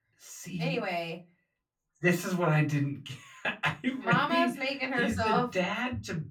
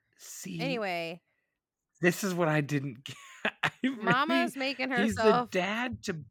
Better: second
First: off-mic speech; far // room echo; very slight; dies away in 0.2 s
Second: none

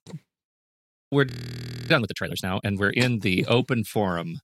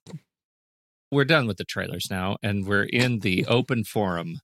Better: second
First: audio freezing; at 1.5 s for 0.5 s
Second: none

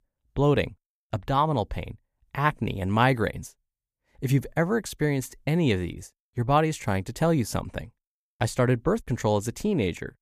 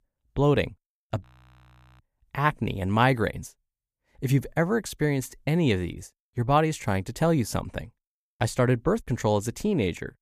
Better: first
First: none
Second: audio freezing; at 1 s for 1 s

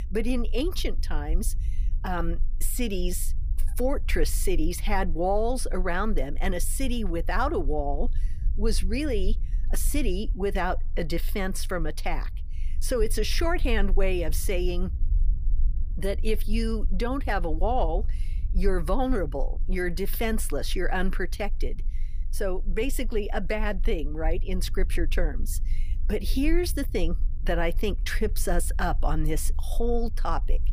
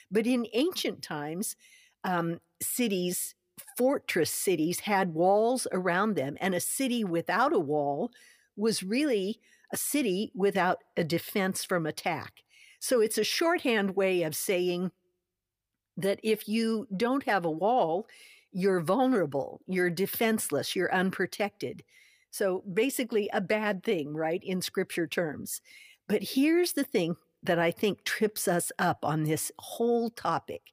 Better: second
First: low rumble; faint; throughout; 25 dB below the speech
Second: none

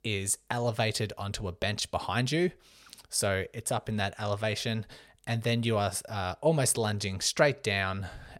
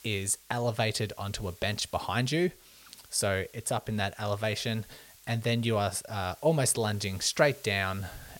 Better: first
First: none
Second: hiss; faint; throughout; 25 dB below the speech

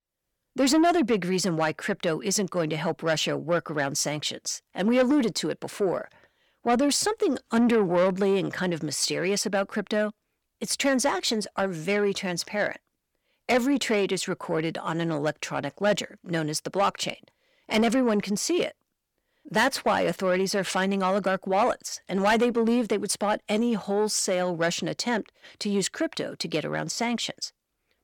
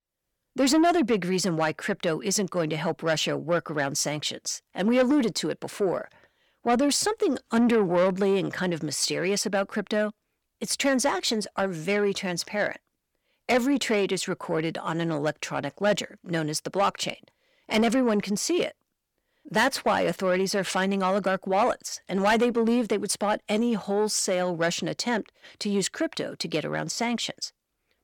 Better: neither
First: distortion; slight; 10 dB below the speech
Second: distortion; slight; 10 dB below the speech

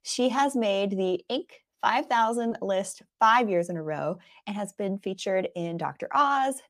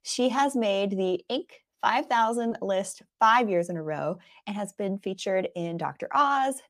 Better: neither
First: none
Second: none

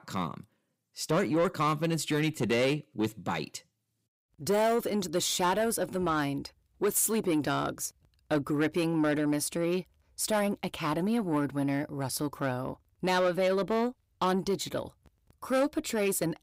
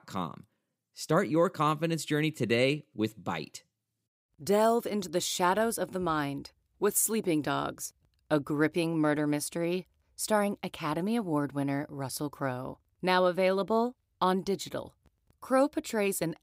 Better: second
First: distortion; slight; 10 dB below the speech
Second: none

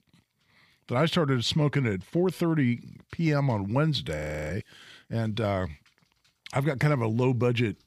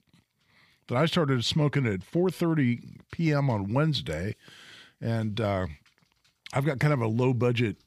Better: second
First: audio freezing; at 4 s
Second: none

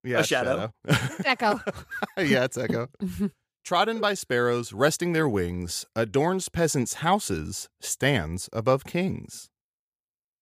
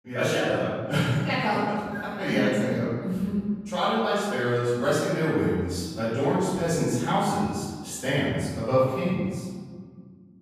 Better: first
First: none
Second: off-mic speech; far // room echo; strong; dies away in 1.6 s

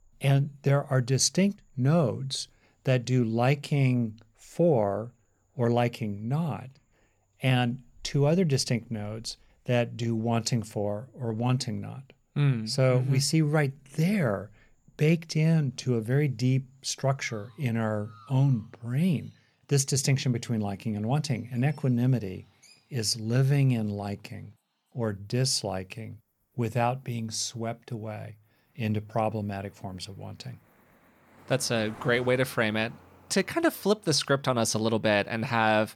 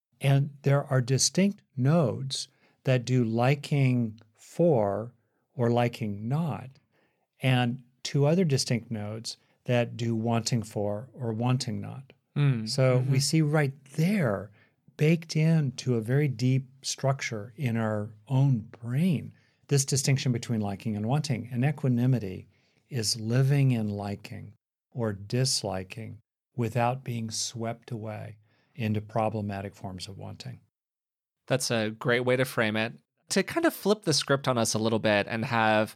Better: second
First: animal sounds; faint; throughout; 30 dB below the speech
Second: none

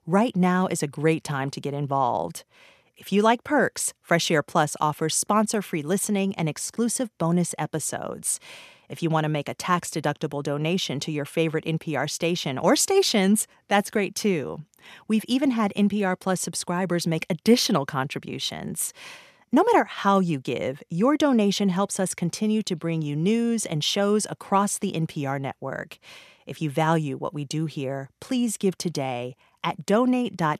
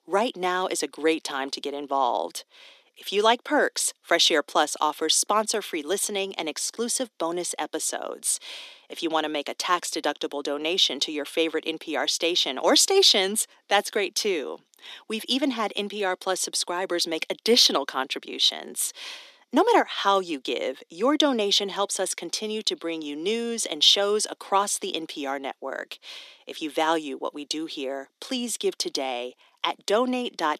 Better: first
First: none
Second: thin; somewhat; fading below 250 Hz

